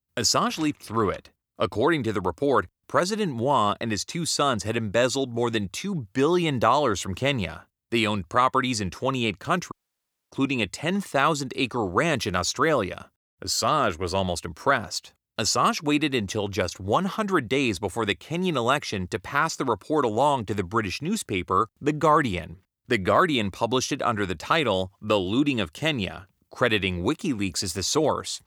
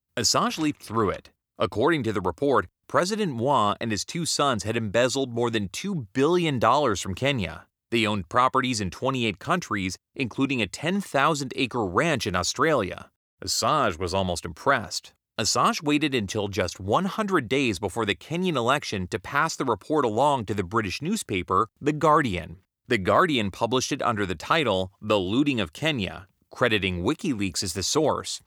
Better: second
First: audio cutting out; at 9.5 s for 0.5 s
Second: none

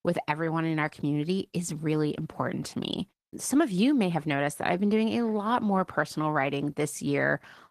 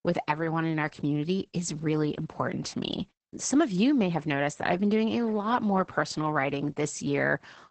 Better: first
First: garbled, watery; slightly; nothing above 14 kHz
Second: garbled, watery; badly; nothing above 8 kHz

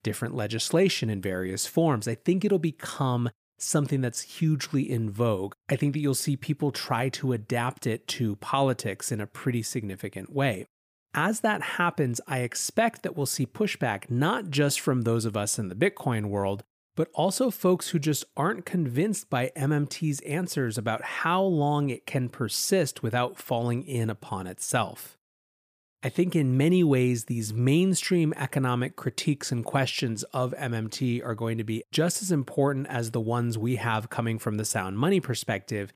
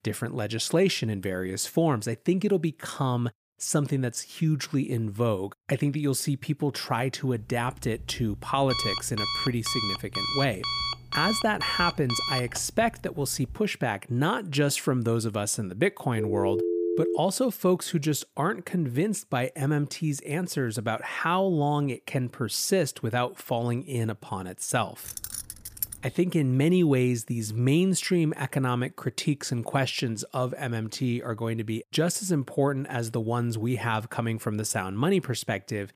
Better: first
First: none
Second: alarm; noticeable; from 7.5 to 14 s; peak level with the speech // phone ringing; loud; from 16 to 17 s; peak 1 dB above the speech // jangling keys; noticeable; at 25 s; peak 5 dB below the speech

